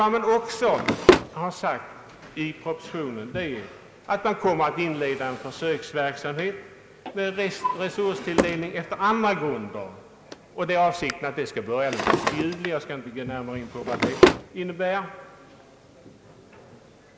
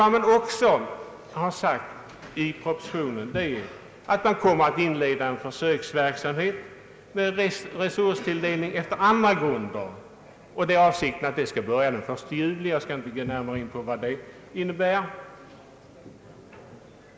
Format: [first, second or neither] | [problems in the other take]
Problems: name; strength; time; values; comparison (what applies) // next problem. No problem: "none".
second | background sound (Drawer open or close); 2 dB below the speech